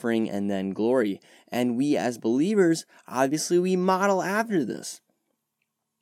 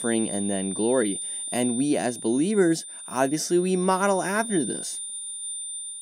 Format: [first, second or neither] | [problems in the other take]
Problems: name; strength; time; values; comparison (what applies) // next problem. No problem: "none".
first | high-pitched whine; loud; throughout; 9 kHz, 7 dB below the speech